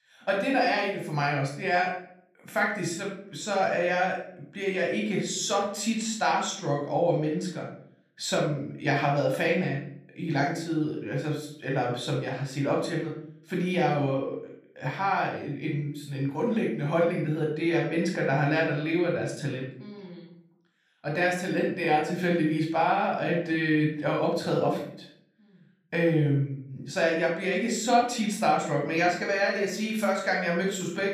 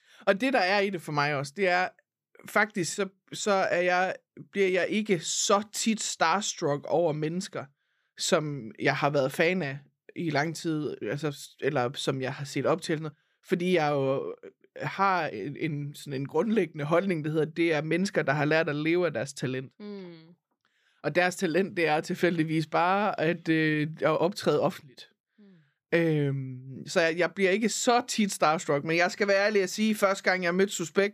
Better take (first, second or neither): second